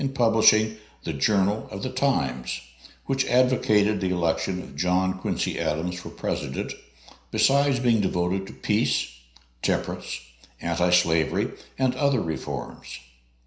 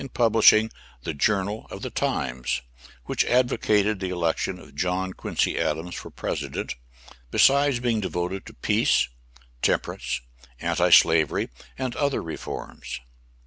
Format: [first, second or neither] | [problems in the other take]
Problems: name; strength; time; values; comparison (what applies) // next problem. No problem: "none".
second | room echo; dies away in 0.5 s